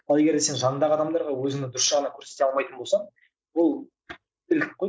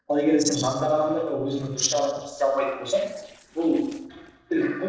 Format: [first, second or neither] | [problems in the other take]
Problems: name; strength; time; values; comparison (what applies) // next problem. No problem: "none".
first | noise reduction (neural separator model SepFormer DNS4)